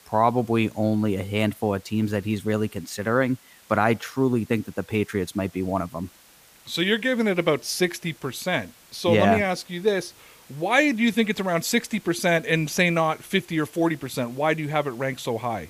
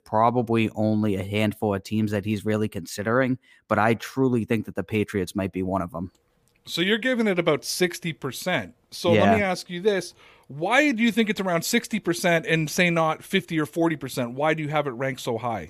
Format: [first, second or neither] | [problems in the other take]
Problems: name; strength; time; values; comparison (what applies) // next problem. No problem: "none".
second | hiss; faint; throughout; 25 dB below the speech